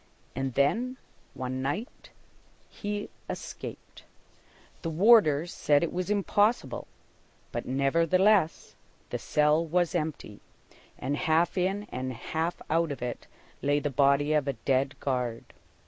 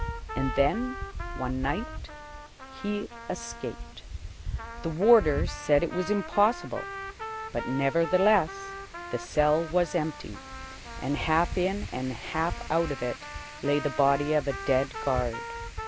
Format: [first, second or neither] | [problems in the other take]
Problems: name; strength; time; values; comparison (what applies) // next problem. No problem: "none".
first | background sound (Trumpet + Wind); 8 dB below the speech